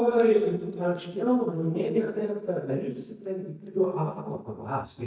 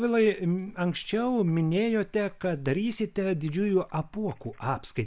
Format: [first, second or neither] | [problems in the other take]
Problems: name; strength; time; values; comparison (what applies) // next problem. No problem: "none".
second | noise reduction (neural mask model DeepFilterNet 3)